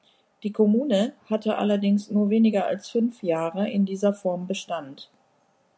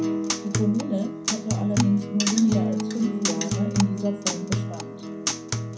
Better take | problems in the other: first | background sound (Acoustic guitar); 1 dB above the speech // room echo; dies away in 0.3 s

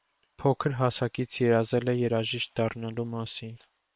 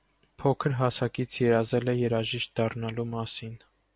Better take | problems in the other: second | noise reduction (neural separator model SepFormer WHAM!)

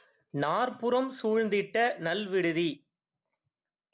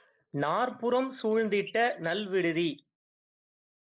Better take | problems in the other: first | noise reduction (neural mask model Resemble Enhance denoiser)

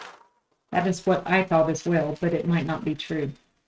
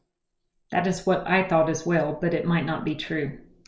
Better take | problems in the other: second | noise reduction (neural mask model RNNoise)

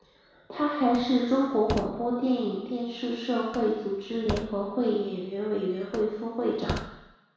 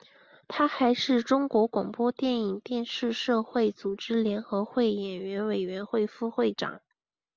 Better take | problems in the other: second | background sound (Slam); 12 dB below the speech // room echo; dies away in 1.1 s

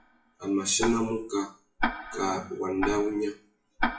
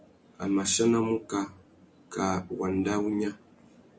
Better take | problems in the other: second | noise reduction (classical method WPE with log-MMSE)

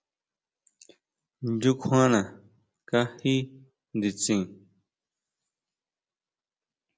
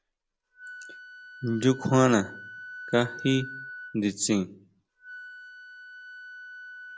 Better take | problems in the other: first | background sound (Wind instrument, woodwind instrument); 14 dB below the speech

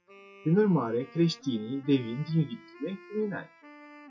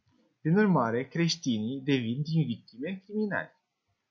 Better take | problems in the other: second | noise reduction (classical method WPE with log-MMSE)

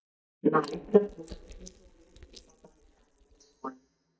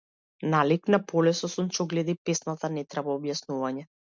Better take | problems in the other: second | noise reduction (neural mask model DeepFilterNet 3)

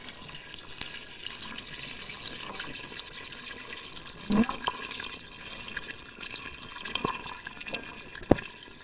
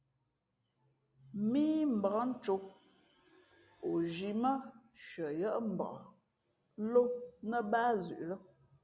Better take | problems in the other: second | noise reduction (neural separator model SepFormer WHAMR!)

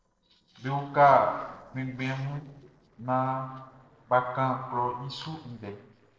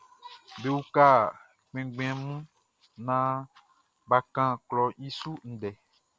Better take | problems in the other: second | noise reduction (neural separator model SepFormer DNS4)

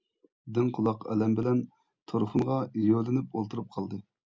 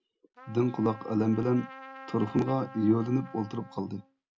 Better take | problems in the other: first | background sound (Trumpet); 18 dB below the speech

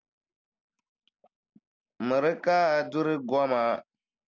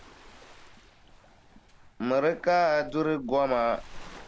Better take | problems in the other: first | background sound (Waves, surf); 19 dB below the speech

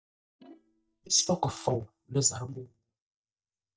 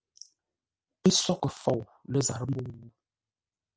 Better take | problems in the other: second | noise reduction (neural mask model DeepFilterNet 3)

